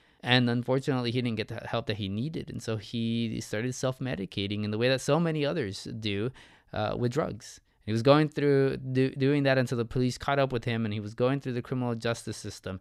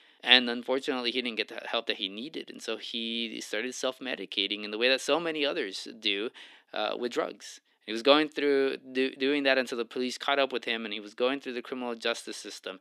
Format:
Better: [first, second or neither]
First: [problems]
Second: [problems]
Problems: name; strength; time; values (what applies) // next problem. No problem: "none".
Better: first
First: none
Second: thin; very slightly; fading below 250 Hz